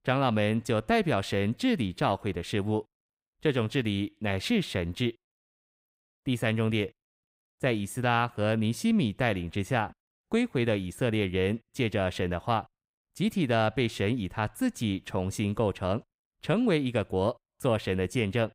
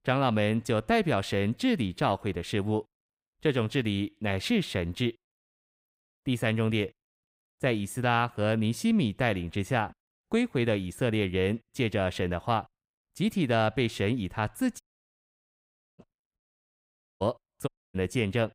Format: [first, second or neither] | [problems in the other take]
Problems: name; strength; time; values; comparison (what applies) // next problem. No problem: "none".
first | audio cutting out; at 15 s for 1 s, at 16 s for 1 s and at 18 s